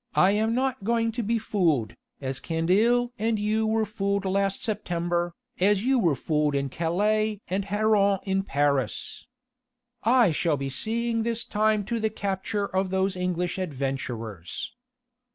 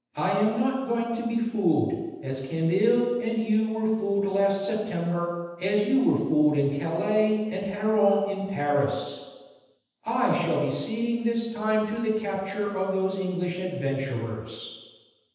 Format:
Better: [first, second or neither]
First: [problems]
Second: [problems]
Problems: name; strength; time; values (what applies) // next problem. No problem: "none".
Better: first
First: none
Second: room echo; dies away in 1.1 s